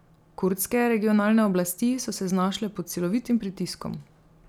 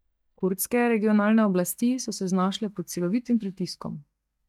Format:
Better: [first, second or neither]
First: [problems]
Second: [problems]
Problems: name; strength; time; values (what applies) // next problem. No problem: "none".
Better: first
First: none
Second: noise reduction (neural mask model DeepFilterNet 3)